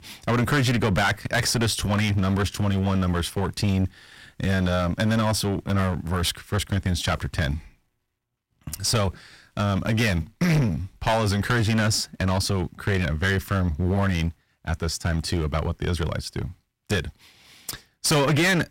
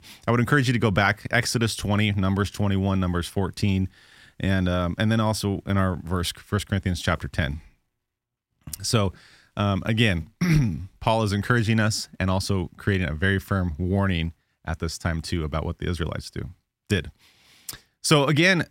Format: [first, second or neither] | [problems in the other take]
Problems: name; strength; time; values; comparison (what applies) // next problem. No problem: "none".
second | distortion; heavy; 11% of the sound clipped